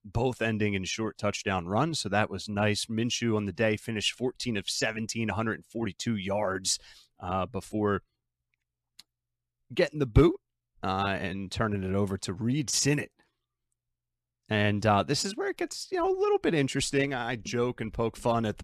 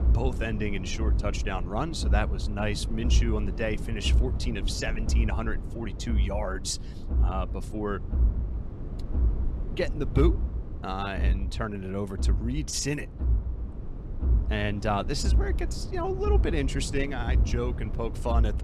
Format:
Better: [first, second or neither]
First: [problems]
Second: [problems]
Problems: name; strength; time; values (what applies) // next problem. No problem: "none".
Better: first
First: none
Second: low rumble; noticeable; throughout; 10 dB below the speech